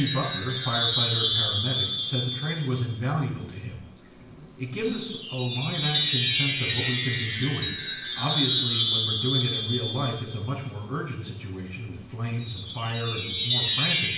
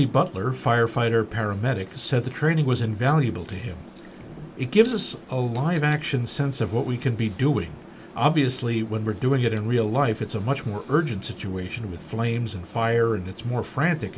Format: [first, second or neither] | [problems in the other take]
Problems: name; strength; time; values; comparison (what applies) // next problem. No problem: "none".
second | background sound (Wind chime); 1 dB above the speech // room echo; dies away in 0.8 s